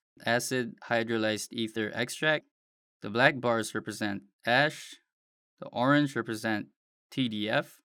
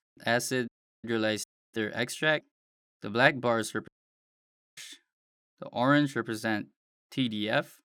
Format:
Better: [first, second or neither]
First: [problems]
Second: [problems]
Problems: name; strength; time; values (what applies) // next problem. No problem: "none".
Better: first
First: none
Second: audio cutting out; at 0.5 s, at 1.5 s and at 4 s for 1 s